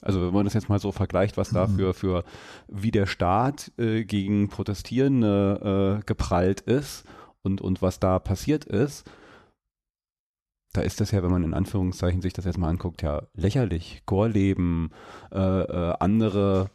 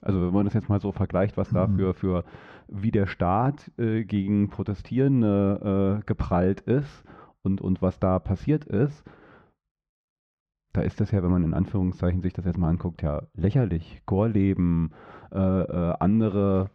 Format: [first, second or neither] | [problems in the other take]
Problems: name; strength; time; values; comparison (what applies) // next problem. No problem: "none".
first | muffled; very; fading above 2 kHz